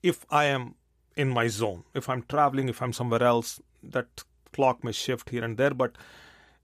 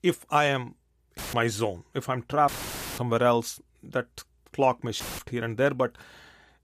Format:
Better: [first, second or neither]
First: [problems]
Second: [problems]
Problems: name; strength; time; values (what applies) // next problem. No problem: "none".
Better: first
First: none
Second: audio cutting out; filled with static; at 1 s, at 2.5 s for 0.5 s and at 5 s